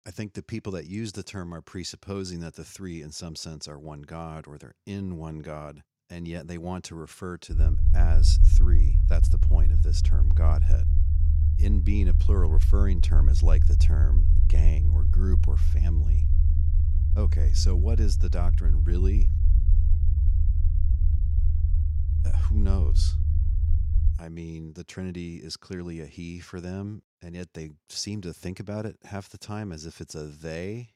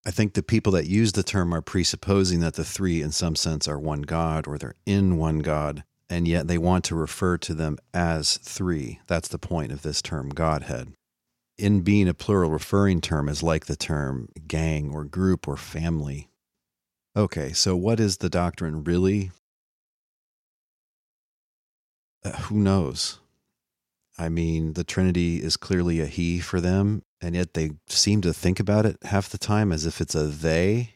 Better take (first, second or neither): second